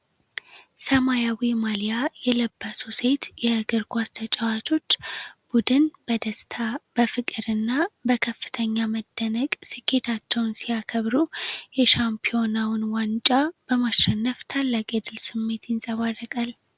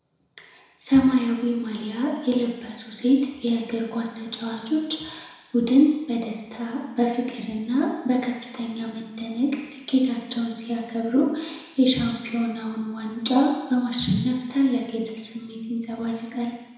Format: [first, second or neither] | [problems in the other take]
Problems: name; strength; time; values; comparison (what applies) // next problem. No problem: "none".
first | room echo; dies away in 1 s